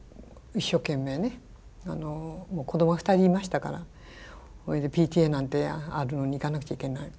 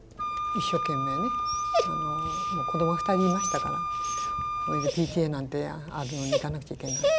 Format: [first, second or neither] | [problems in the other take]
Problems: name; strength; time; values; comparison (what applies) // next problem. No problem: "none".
first | background sound (Dog + Wind instrument, woodwind instrument); 2 dB above the speech